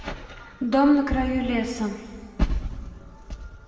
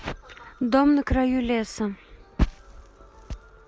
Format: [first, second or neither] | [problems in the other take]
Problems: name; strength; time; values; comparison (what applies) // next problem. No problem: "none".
second | room echo; dies away in 1.8 s